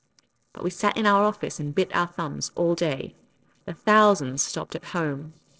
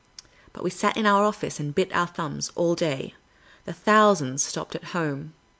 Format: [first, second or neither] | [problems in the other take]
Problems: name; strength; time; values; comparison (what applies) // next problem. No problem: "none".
second | noise reduction (neural separator model SepFormer DNS4)